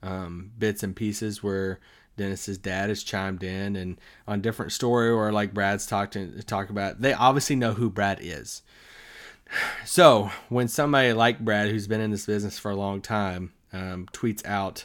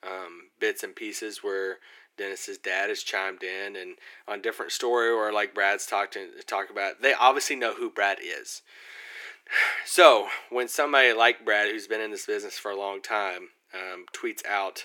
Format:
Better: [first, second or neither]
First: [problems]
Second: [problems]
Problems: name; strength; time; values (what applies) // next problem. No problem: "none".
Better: first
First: none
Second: thin; very; fading below 350 Hz